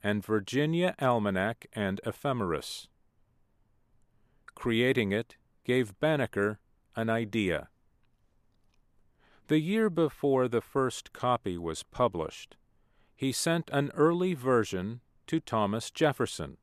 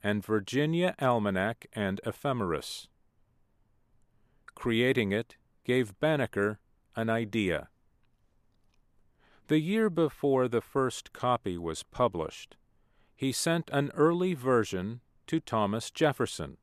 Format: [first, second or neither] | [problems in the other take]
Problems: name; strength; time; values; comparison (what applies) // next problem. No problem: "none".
neither | none